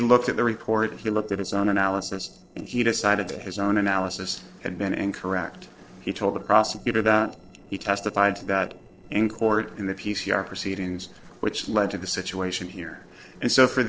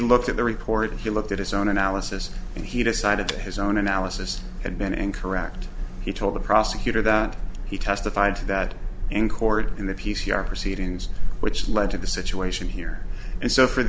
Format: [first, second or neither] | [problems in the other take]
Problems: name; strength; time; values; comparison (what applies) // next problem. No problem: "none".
second | noise reduction (neural separator model SepFormer DNS4)